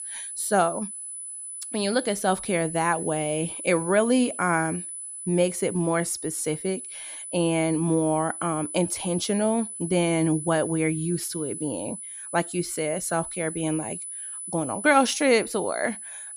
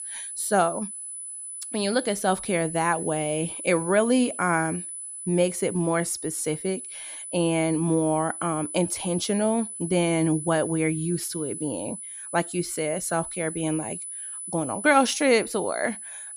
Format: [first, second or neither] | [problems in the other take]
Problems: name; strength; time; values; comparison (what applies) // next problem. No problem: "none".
neither | high-pitched whine; loud; throughout; 10 kHz, 8 dB below the speech; the same in both